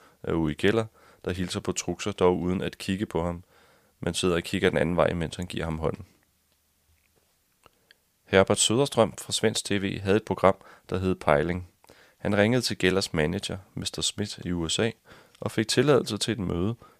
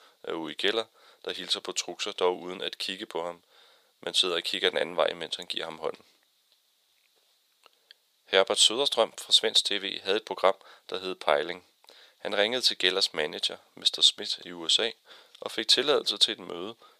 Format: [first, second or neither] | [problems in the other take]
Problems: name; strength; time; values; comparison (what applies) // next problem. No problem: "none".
first | thin; somewhat; fading below 500 Hz